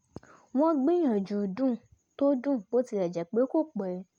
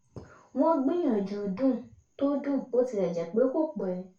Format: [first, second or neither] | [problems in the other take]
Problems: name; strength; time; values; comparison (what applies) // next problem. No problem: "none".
first | room echo; dies away in 0.3 s